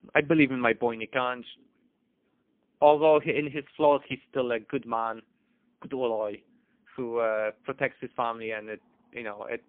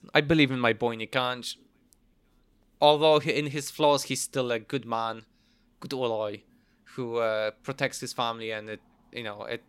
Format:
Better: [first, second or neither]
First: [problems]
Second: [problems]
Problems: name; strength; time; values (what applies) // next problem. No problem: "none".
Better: second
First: phone-call audio; poor line; nothing above 3.5 kHz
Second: none